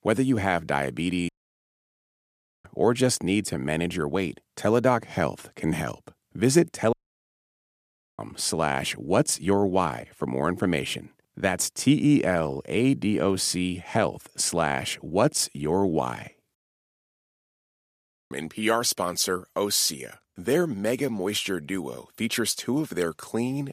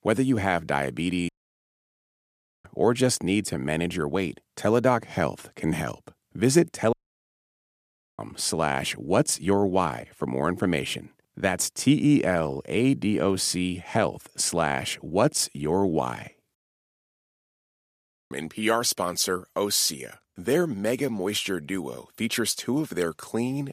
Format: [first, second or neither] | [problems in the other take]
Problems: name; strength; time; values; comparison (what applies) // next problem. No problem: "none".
neither | audio cutting out; at 1.5 s for 1.5 s, at 7 s for 1.5 s and at 17 s for 2 s; the same in both